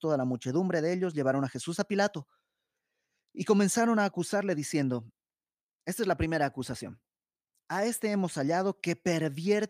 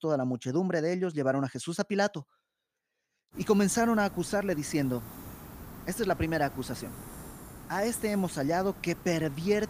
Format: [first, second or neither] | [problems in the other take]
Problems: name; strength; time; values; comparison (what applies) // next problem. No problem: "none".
first | hiss; noticeable; from 3.5 s on; 15 dB below the speech